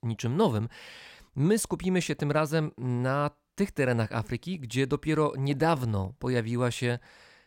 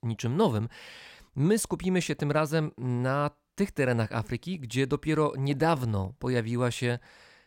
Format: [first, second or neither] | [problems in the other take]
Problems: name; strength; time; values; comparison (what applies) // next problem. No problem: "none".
neither | none